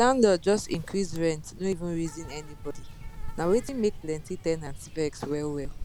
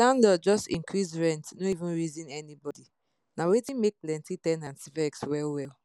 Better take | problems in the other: second | background sound (Insect); 9 dB below the speech

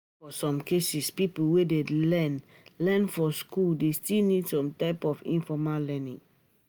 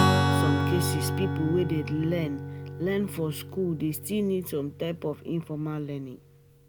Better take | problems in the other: first | background sound (Strum); 1 dB above the speech

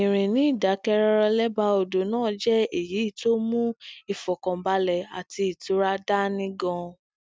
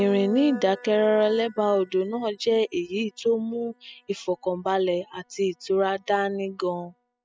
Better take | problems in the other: first | noise reduction (classical method spectral subtraction)

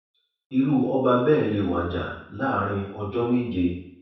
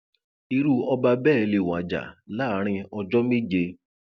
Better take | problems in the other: second | room echo; dies away in 0.7 s

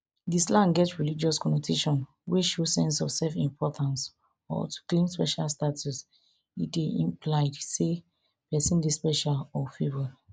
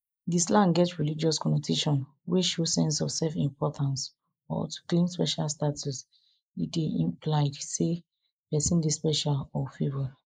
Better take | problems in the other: first | noise reduction (neural mask model Resemble Enhance denoiser)

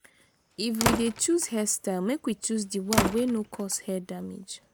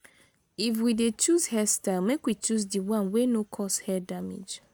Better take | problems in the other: second | background sound (Slam); 4 dB below the speech

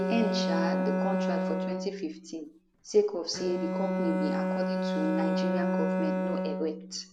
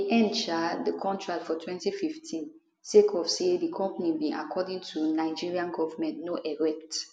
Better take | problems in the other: second | background sound (Bowed string instrument); 3 dB above the speech

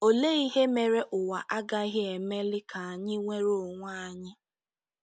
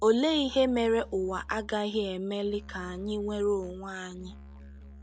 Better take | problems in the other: first | background sound (Musical instrument); 18 dB below the speech

